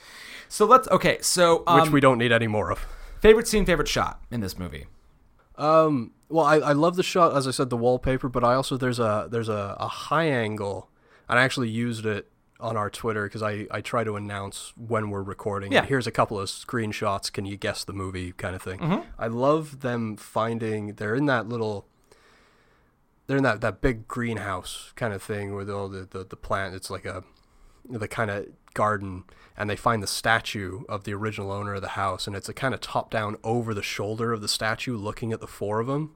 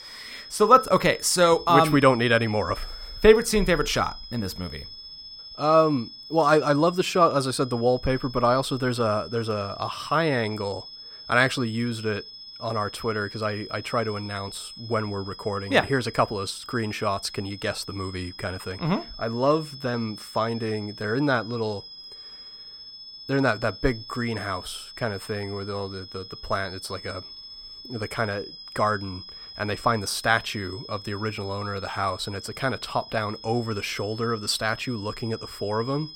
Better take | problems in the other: first | high-pitched whine; noticeable; throughout; 5 kHz, 15 dB below the speech

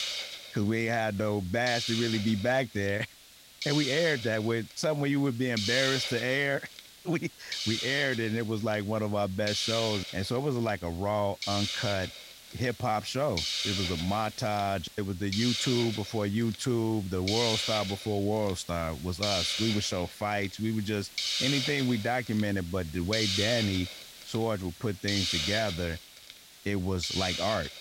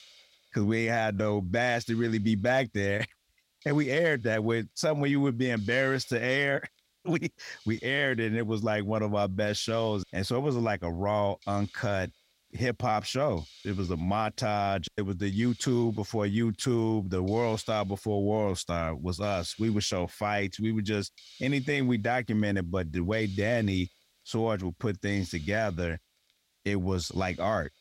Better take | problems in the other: second | hiss; loud; throughout; 2 dB below the speech; faint in the second

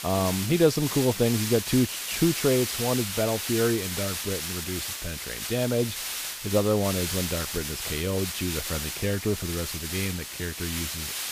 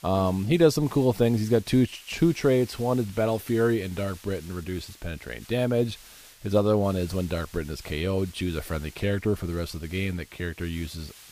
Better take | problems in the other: second | hiss; loud; throughout; 3 dB below the speech; faint in the second

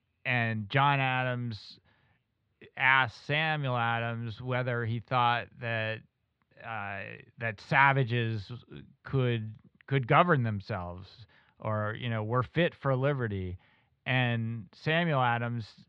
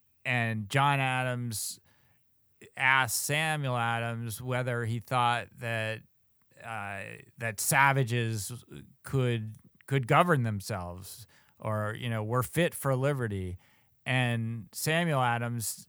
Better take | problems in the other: second | muffled; slightly; fading above 4 kHz

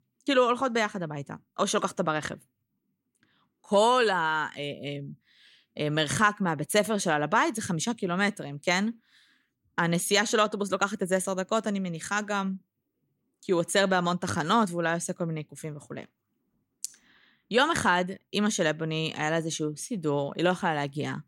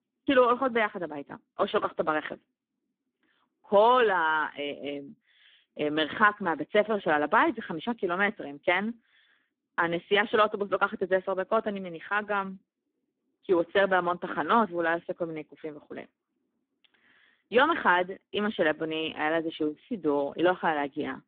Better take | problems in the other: first | phone-call audio; poor line

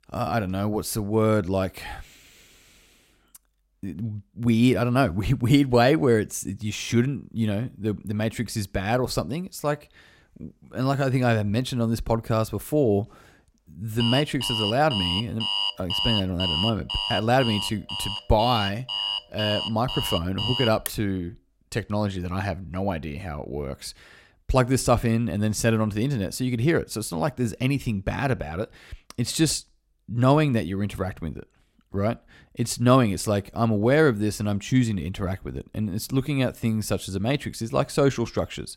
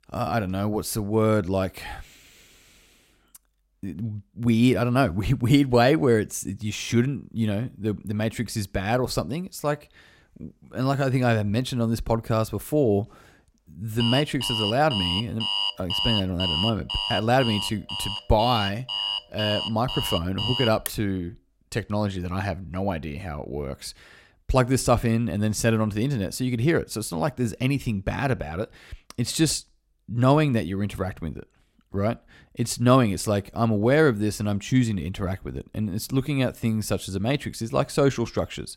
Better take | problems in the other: neither | alarm; loud; from 14 to 21 s; peak 1 dB above the speech; the same in both

